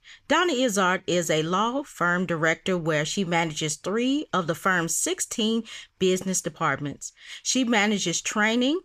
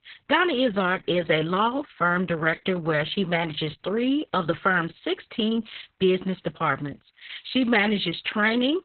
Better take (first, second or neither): first